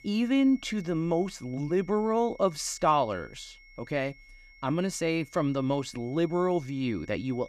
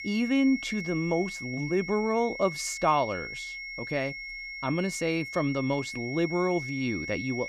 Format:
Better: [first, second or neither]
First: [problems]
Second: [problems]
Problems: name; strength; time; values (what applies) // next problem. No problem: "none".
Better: first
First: high-pitched whine; faint; throughout; 2 kHz, 25 dB below the speech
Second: high-pitched whine; loud; throughout; 2 kHz, 7 dB below the speech